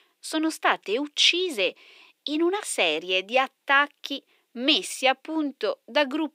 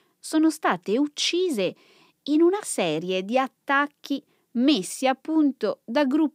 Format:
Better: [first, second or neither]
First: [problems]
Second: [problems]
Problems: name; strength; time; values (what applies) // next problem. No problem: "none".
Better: second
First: thin; somewhat; fading below 450 Hz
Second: none